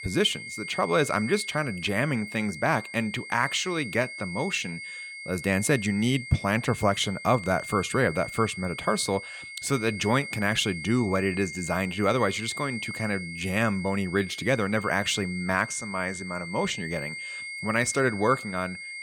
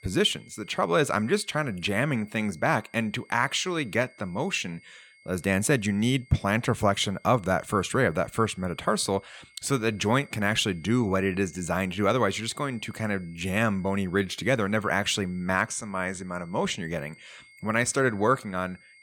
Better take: second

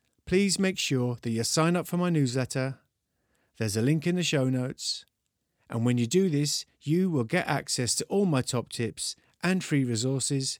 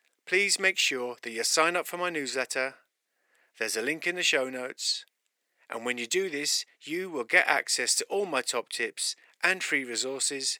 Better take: first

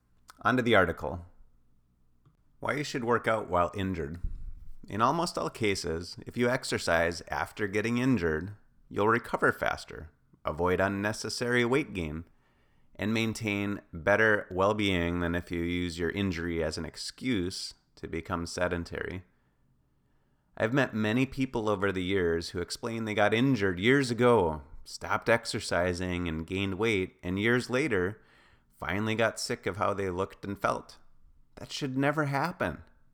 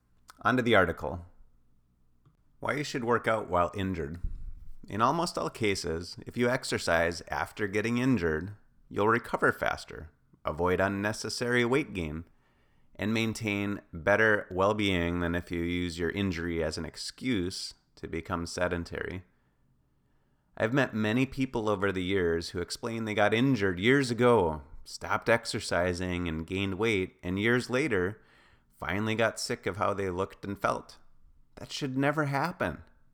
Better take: neither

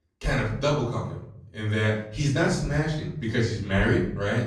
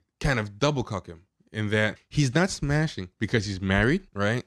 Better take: second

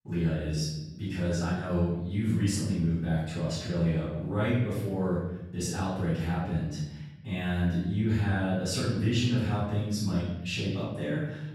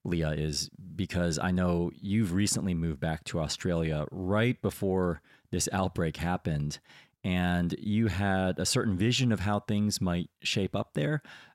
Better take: second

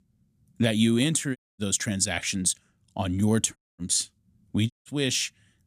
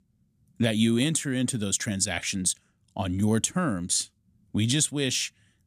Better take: second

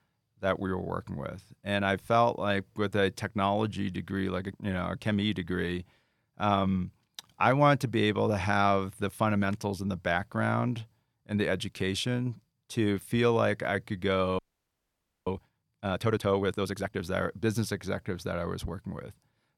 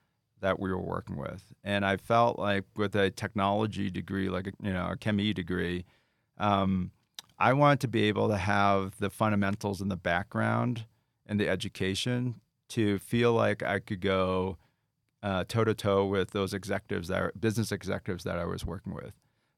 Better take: second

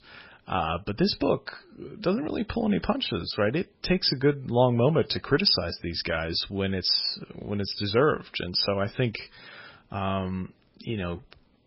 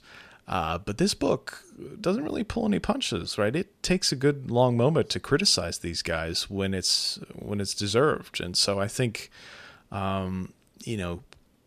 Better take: second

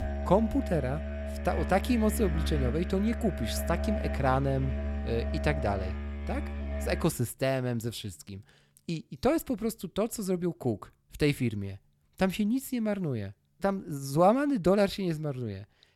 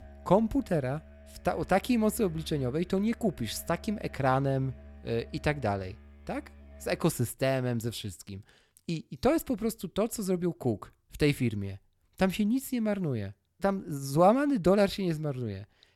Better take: second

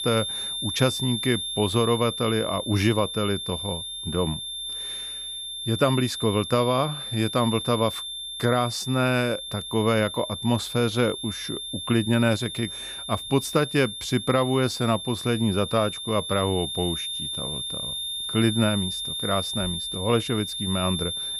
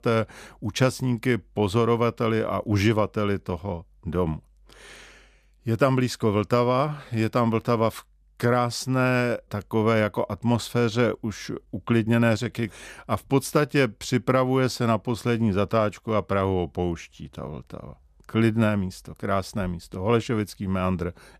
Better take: second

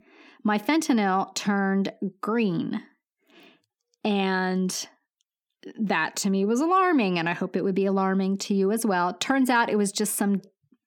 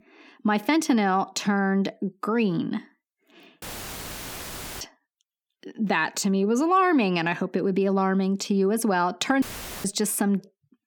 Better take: first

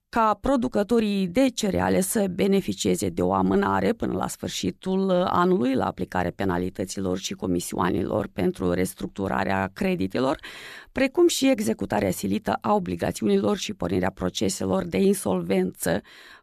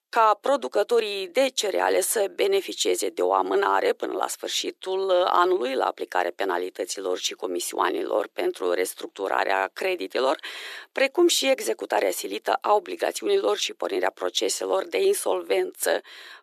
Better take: first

